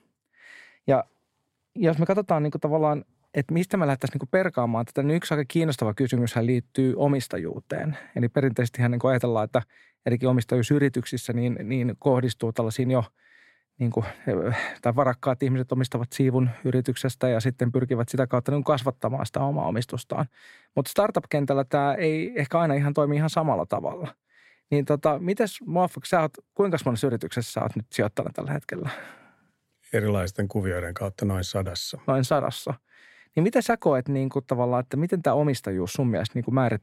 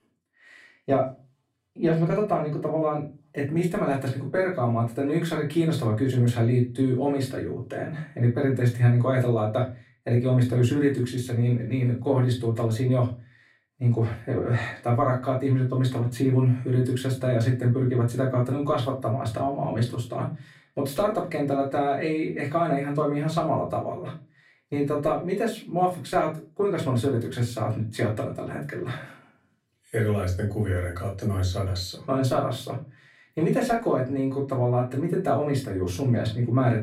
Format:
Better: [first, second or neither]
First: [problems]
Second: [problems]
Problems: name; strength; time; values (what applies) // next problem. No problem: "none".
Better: first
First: none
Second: off-mic speech; far // room echo; slight; dies away in 0.3 s